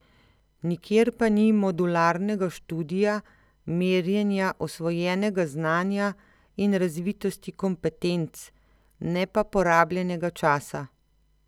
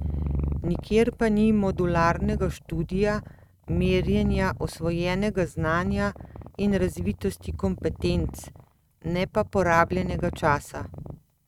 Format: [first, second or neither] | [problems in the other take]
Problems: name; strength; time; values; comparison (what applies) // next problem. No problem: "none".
first | noise reduction (neural mask model RNNoise)